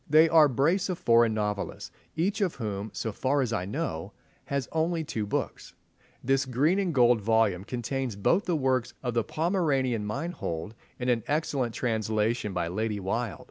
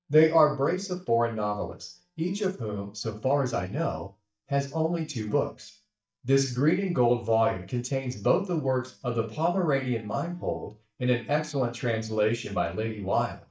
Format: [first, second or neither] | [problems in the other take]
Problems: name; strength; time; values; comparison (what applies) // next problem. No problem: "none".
first | noise reduction (neural mask model DeepFilterNet 3)